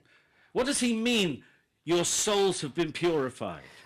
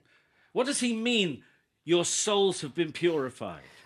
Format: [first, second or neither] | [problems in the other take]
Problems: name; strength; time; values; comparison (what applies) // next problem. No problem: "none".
second | distortion; slight; 9% of the sound clipped